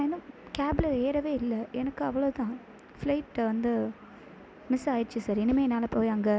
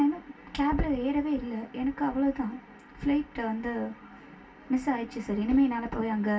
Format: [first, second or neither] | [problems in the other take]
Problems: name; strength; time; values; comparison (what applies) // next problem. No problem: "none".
first | room echo; dies away in 0.2 s